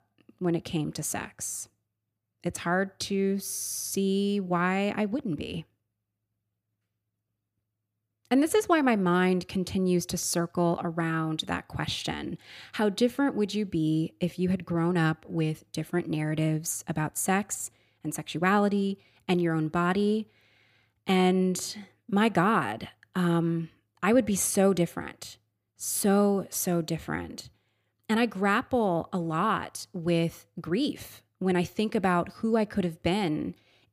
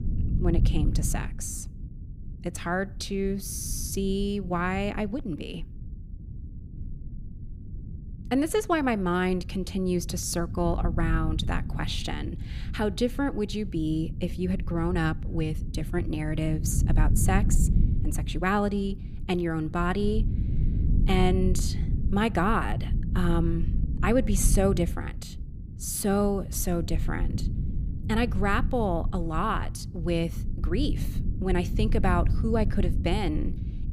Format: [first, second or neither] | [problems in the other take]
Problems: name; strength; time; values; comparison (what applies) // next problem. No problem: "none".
first | low rumble; noticeable; throughout; 15 dB below the speech